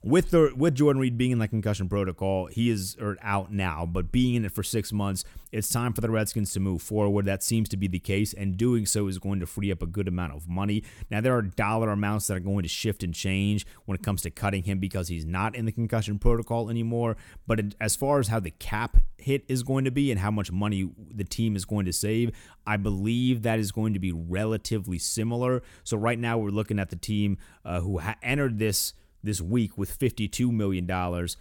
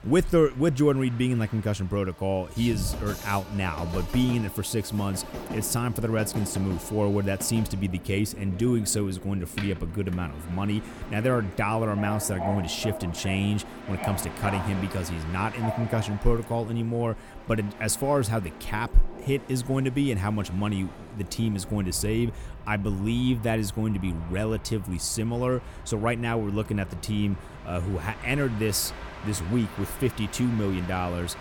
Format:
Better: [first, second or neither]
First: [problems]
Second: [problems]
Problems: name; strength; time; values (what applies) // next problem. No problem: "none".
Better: first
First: none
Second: train or aircraft noise; noticeable; throughout; 10 dB below the speech